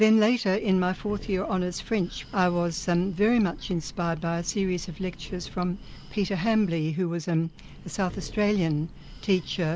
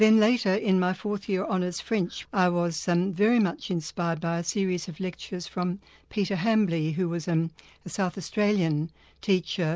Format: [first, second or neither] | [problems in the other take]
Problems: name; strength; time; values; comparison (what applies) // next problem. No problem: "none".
second | background sound (Breathing); 17 dB below the speech